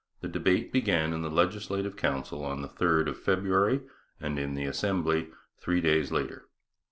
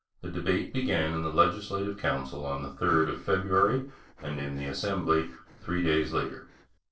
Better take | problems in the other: first | noise reduction (neural separator model SepFormer DNS4)

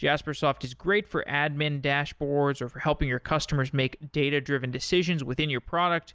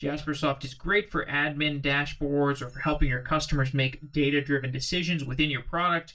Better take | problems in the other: first | noise reduction (neural mask model DeepFilterNet 3)

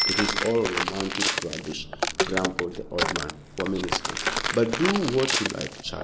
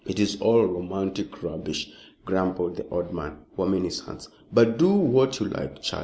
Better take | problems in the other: second | background sound (Walk, footsteps + Bicycle bell); as loud as the speech

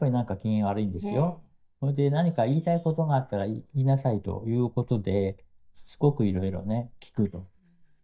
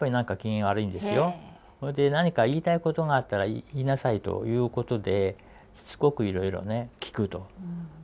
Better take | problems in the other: second | noise reduction (neural mask model DeepFilterNet 3)

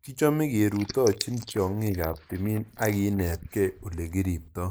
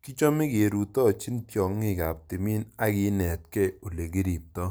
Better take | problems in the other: second | noise reduction (neural mask model Resemble Enhance denoiser)

